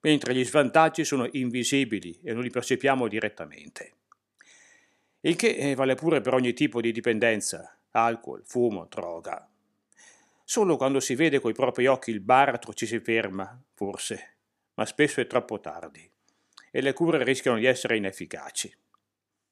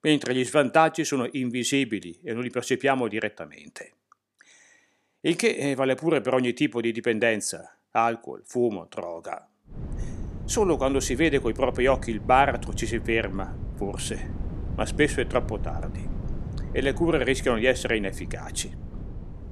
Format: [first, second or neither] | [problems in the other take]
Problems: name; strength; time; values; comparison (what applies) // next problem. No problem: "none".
first | wind noise on the microphone; occasional gusts; from 10 s on; 20 dB below the speech